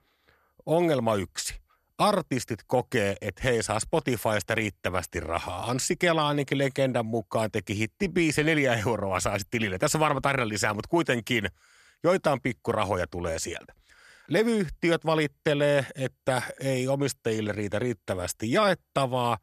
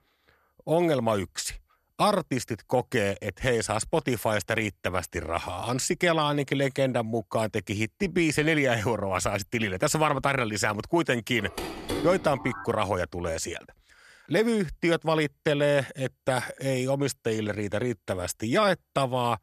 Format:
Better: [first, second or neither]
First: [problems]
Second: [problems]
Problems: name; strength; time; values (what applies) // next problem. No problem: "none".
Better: first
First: none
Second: phone ringing; noticeable; from 11 to 13 s; peak 5 dB below the speech